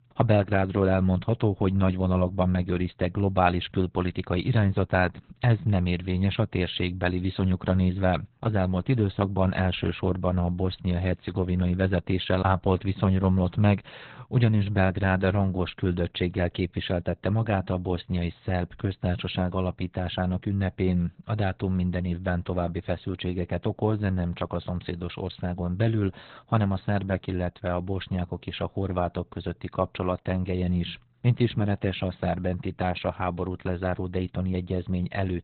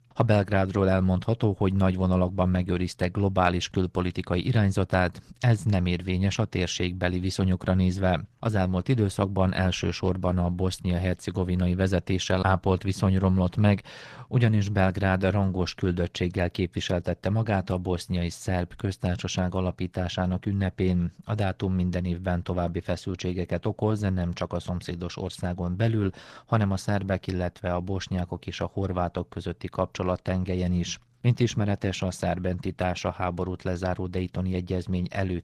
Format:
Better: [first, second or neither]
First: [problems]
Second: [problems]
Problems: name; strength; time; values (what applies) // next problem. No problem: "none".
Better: second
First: garbled, watery; badly; nothing above 4 kHz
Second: garbled, watery; slightly; nothing above 14.5 kHz